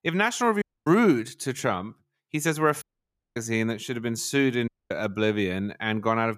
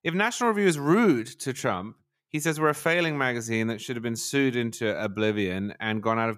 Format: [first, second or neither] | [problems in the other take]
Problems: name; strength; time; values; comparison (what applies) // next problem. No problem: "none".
second | audio cutting out; at 0.5 s, at 3 s for 0.5 s and at 4.5 s